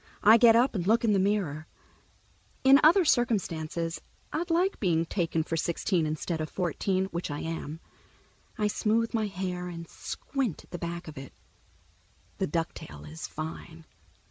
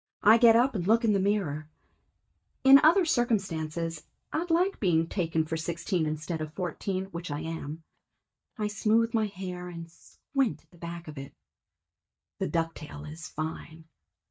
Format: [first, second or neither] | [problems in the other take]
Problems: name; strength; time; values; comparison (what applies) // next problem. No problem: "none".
first | noise reduction (neural mask model DeepFilterNet 3)